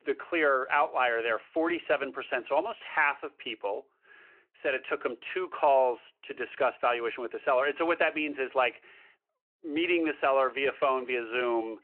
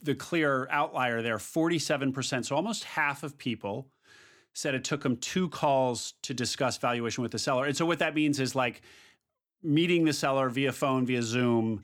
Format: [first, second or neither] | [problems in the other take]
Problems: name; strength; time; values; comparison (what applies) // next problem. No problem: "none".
second | phone-call audio